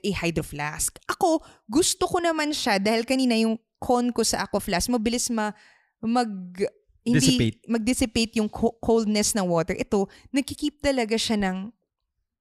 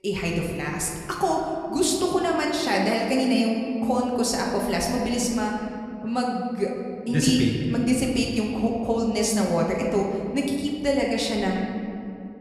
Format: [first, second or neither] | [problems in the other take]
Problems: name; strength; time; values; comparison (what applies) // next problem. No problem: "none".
first | room echo; noticeable; dies away in 2.2 s // off-mic speech; somewhat distant